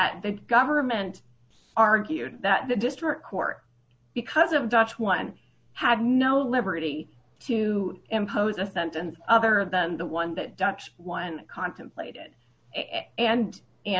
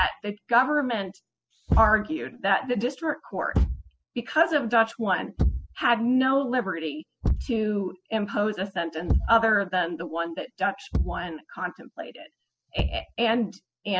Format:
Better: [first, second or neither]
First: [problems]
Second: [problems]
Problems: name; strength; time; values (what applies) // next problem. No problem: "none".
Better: first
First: none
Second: noise reduction (classical method spectral subtraction)